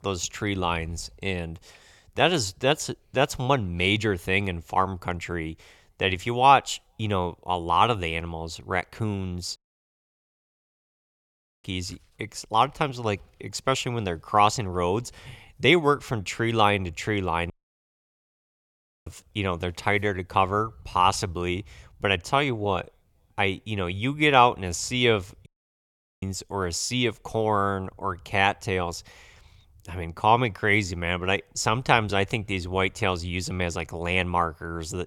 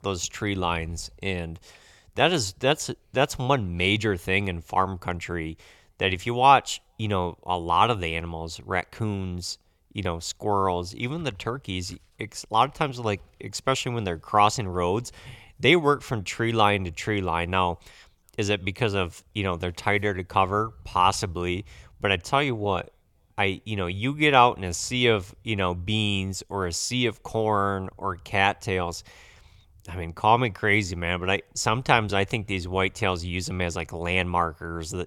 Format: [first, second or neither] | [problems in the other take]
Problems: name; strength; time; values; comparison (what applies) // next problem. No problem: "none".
second | audio cutting out; at 9.5 s for 2 s, at 18 s for 1.5 s and at 25 s for 1 s